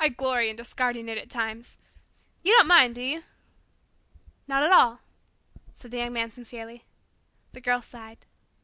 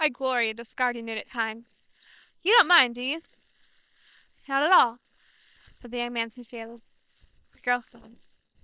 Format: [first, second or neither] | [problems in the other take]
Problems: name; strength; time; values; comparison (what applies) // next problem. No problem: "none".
first | noise reduction (neural separator model SepFormer WHAM!)